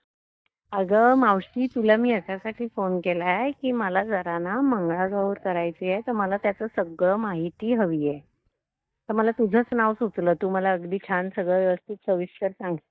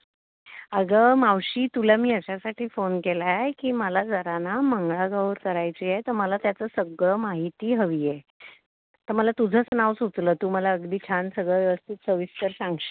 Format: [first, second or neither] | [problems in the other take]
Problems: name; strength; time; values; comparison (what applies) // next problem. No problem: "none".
second | noise reduction (neural mask model DeepFilterNet 3)